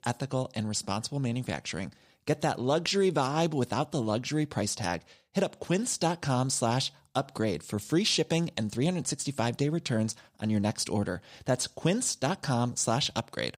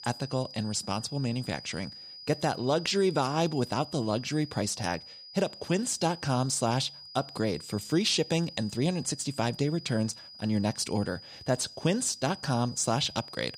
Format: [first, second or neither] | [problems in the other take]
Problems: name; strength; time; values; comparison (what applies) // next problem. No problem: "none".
first | high-pitched whine; noticeable; throughout; 5 kHz, 15 dB below the speech